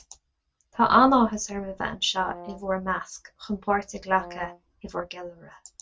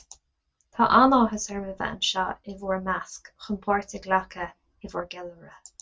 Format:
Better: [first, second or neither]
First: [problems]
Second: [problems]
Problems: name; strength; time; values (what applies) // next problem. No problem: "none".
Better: second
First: background sound (Brass instrument); 17 dB below the speech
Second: none